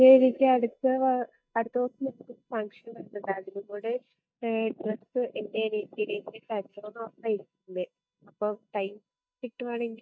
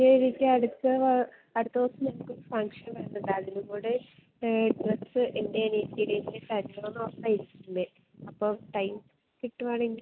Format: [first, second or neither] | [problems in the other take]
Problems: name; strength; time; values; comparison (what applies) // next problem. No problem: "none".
second | noise reduction (neural mask model DeepFilterNet 3)